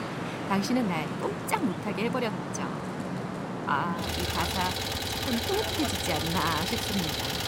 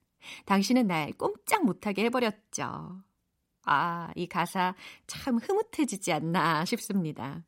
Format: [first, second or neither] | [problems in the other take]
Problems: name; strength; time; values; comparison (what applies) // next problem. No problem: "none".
second | traffic noise; very loud; throughout; as loud as the speech